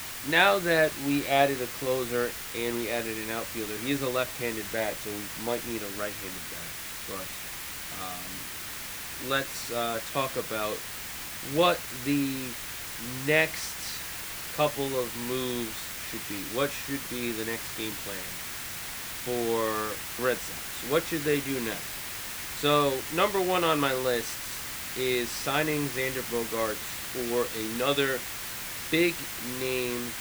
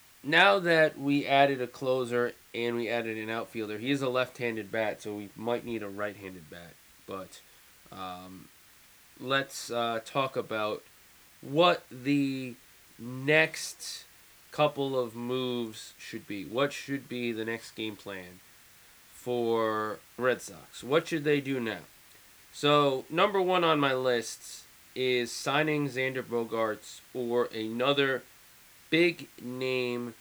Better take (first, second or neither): second